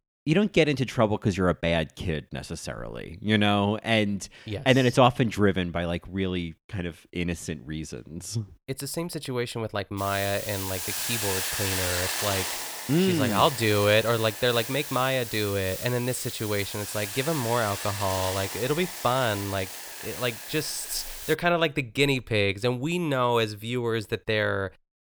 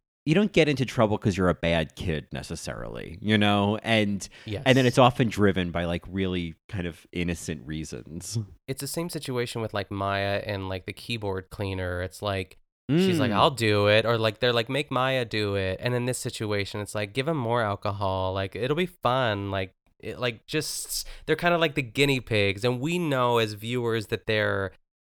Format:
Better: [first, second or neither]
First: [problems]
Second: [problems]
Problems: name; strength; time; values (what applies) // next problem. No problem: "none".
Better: second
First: hiss; loud; from 10 to 21 s; 5 dB below the speech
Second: none